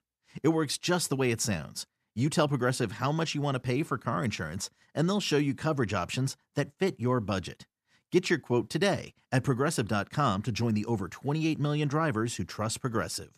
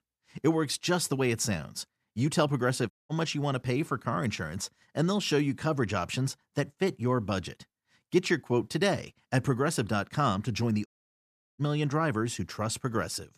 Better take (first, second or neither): first